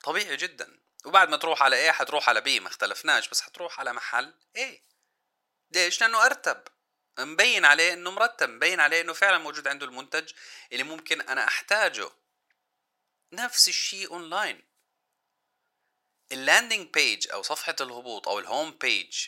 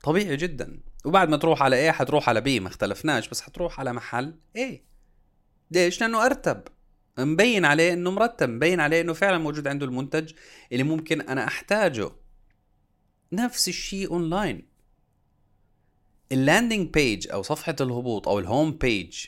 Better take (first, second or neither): second